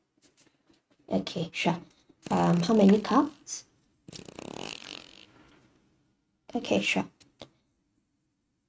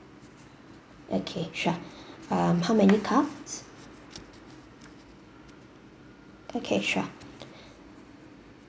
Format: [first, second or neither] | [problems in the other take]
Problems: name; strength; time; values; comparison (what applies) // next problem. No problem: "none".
second | noise reduction (neural mask model RNNoise)